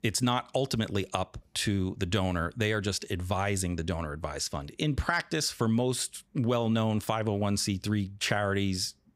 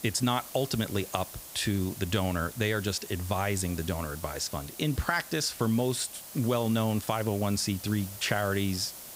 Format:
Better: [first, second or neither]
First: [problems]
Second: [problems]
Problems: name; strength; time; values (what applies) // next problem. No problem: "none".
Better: first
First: none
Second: hiss; noticeable; throughout; 10 dB below the speech